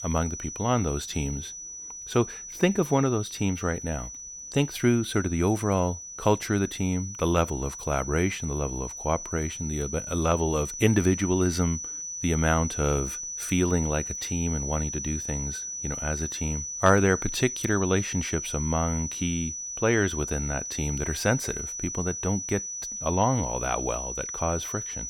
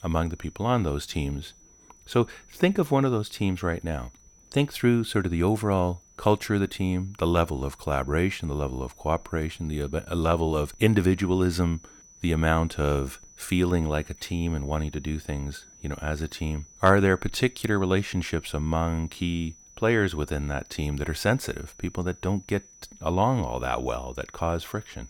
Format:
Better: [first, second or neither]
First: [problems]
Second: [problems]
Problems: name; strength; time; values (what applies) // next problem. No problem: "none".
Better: second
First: high-pitched whine; loud; throughout; 6 kHz, 6 dB below the speech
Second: high-pitched whine; faint; throughout; 6 kHz, 25 dB below the speech